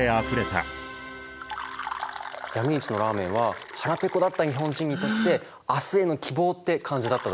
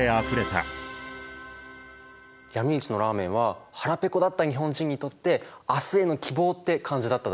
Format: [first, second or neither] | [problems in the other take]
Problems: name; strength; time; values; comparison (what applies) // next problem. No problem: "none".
second | background sound (Gasp + Fill (with liquid)); 9 dB below the speech